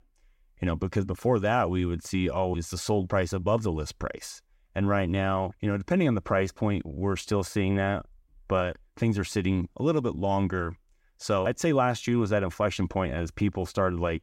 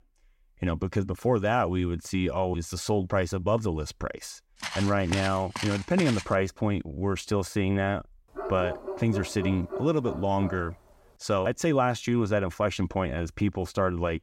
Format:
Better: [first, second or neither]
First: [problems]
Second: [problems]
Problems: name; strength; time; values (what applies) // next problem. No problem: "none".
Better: first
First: none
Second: footsteps; noticeable; from 4.5 to 6 s; peak 6 dB below the speech // dog barking; noticeable; from 8.5 to 11 s; peak 7 dB below the speech